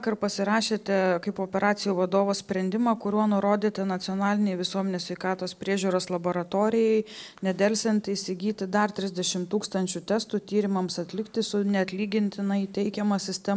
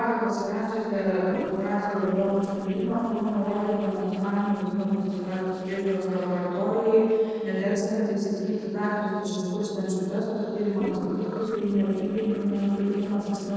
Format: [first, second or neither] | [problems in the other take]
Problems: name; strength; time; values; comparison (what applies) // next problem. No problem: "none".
first | noise reduction (neural separator model SepFormer DNS4)